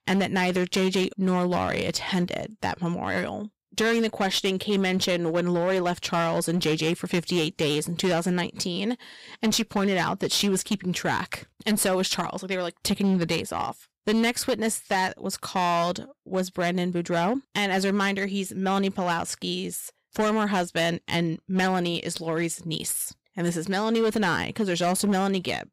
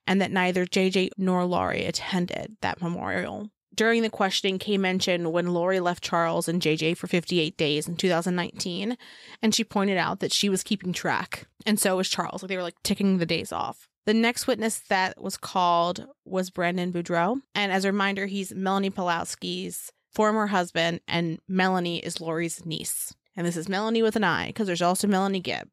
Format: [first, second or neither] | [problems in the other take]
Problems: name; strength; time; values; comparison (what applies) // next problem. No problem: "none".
second | distortion; slight; 9% of the sound clipped